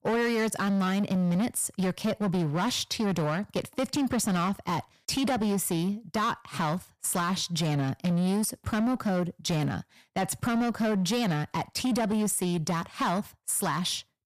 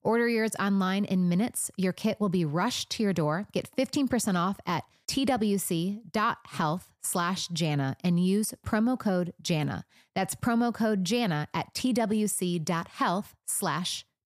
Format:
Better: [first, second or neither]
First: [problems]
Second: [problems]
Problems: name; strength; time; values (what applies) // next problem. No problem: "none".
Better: second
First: distortion; slight; 19% of the sound clipped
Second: none